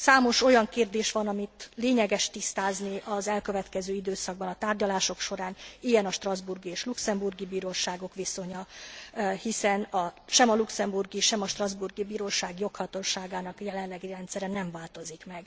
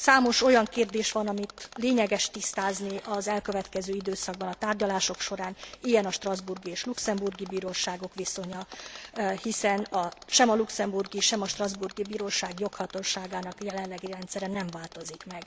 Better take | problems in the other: first | background sound (Mechanisms); 20 dB below the speech

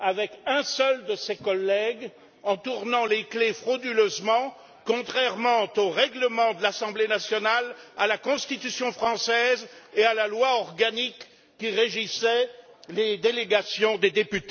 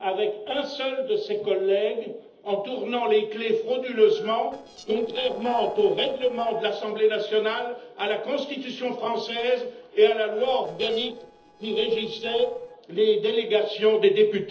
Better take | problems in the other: first | noise reduction (neural separator model SepFormer DNS4)

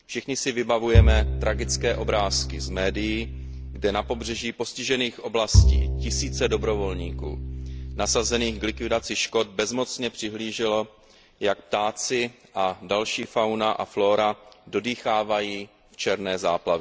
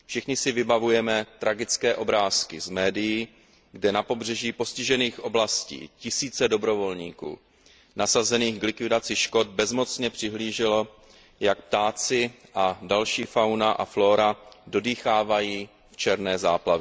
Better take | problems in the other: second | background sound (Bowed string instrument); 2 dB above the speech

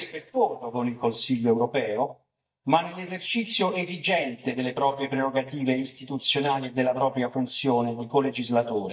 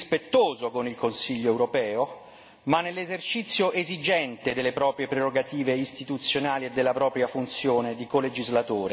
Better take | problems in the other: second | noise reduction (neural mask model DeepFilterNet 3)

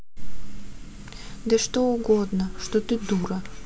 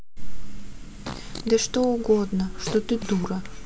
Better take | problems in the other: first | background sound (Fart); 17 dB below the speech

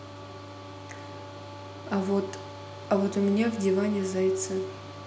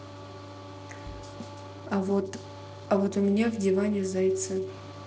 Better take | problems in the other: first | noise reduction (neural separator model SepFormer DNS4)

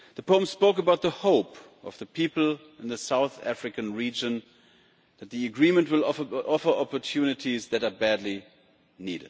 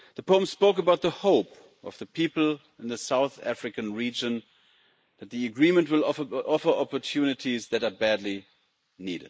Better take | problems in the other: first | noise reduction (neural mask model Resemble Enhance denoiser)

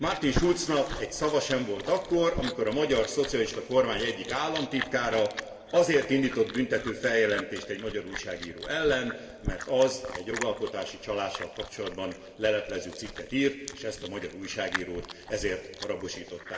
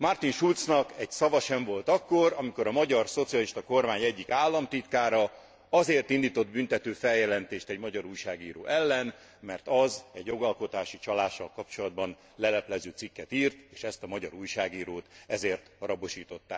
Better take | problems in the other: second | background sound (Chewing, mastication); 11 dB below the speech // room echo; dies away in 1.7 s

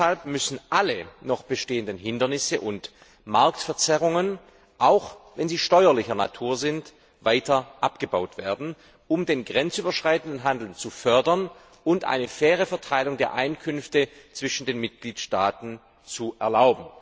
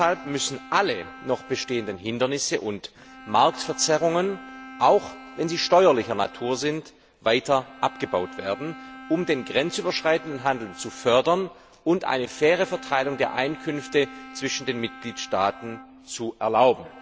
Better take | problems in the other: first | background sound (Bowed string instrument); 18 dB below the speech

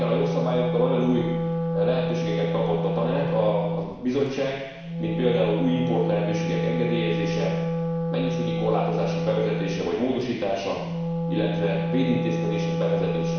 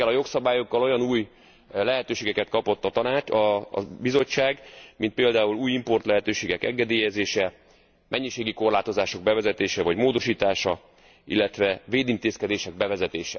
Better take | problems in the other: second | background sound (Wind instrument, woodwind instrument); as loud as the speech // room echo; dies away in 1.1 s

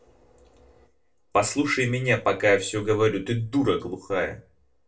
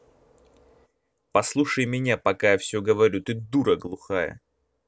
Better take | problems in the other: second | room echo; dies away in 0.2 s

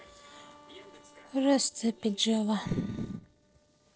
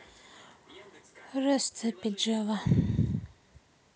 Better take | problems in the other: second | noise reduction (neural separator model SepFormer DNS4)

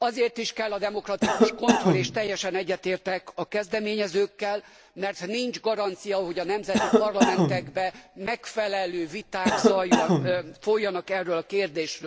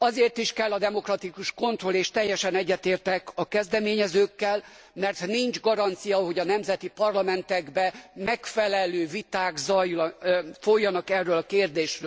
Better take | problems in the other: second | background sound (Cough); 2 dB above the speech

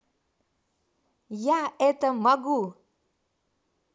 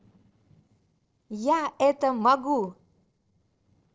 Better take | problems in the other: first | noise reduction (neural separator model SepFormer DNS4)

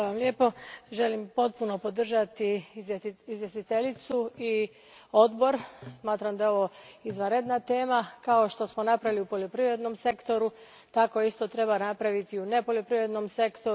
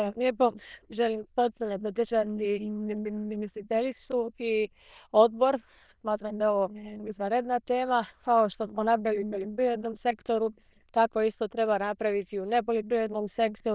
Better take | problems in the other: first | noise reduction (neural diffusion model UNIVERSE++)

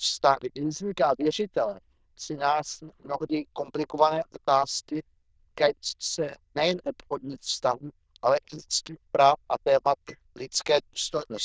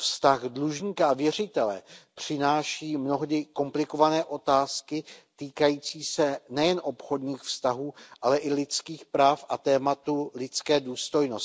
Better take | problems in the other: second | noise reduction (neural diffusion model UNIVERSE++)

